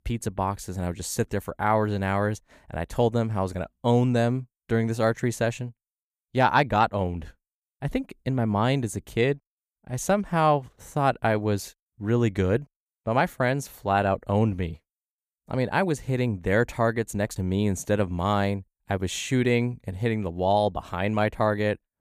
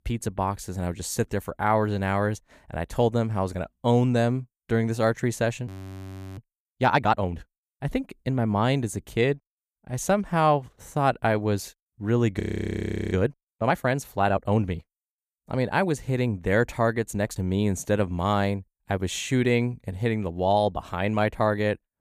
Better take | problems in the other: first | audio freezing; at 5.5 s for 0.5 s and at 12 s for 0.5 s

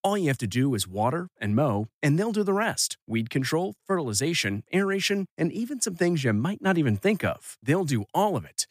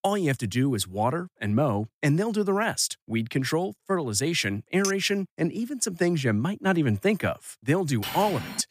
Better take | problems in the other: first | clattering dishes; noticeable; at 5 s and at 8 s; peak 7 dB below the speech

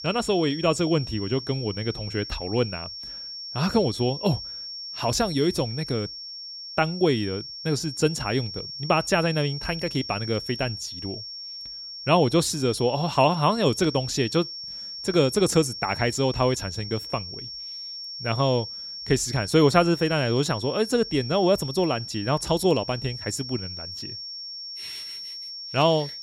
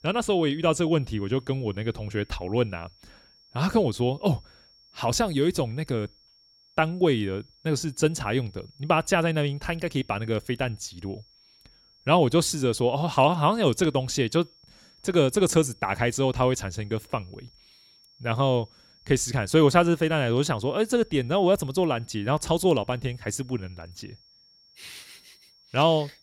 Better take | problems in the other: second | high-pitched whine; loud; throughout; 5.5 kHz, 9 dB below the speech; faint in the second

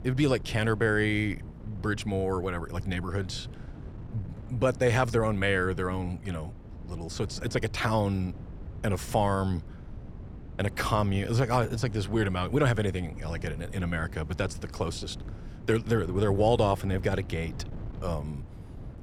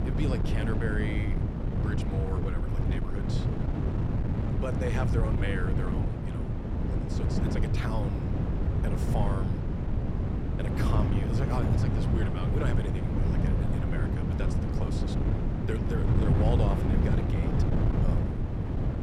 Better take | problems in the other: first | wind noise on the microphone; heavy; 1 dB above the speech; occasional gusts in the first

